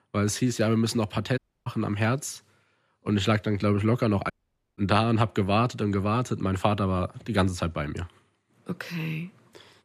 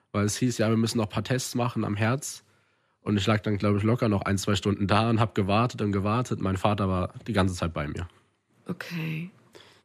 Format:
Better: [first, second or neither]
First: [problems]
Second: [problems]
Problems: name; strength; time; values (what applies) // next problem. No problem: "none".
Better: second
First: audio cutting out; at 1.5 s and at 4.5 s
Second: none